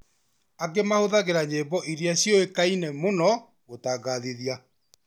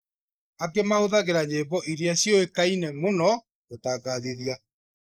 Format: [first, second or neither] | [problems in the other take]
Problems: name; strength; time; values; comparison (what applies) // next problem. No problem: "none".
first | noise reduction (neural mask model Resemble Enhance denoiser)